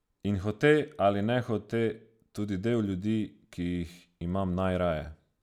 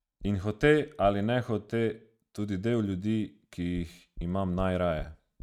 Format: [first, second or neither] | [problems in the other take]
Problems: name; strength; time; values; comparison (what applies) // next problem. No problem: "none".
first | noise reduction (neural mask model RNNoise)